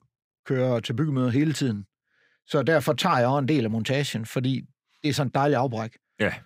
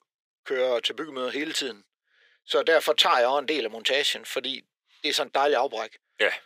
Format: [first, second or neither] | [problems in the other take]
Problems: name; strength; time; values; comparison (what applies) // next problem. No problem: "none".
first | thin; very; fading below 400 Hz